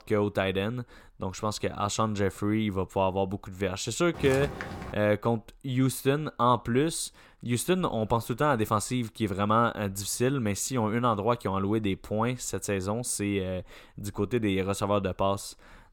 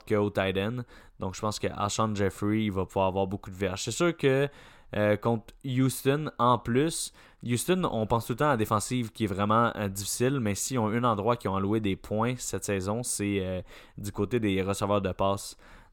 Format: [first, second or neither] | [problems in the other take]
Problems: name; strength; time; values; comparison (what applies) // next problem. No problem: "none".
second | footsteps; noticeable; at 4 s; peak 7 dB below the speech